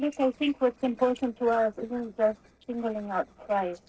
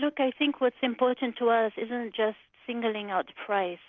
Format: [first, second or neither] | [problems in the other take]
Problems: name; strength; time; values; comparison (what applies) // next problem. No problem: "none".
second | noise reduction (neural separator model SepFormer DNS4)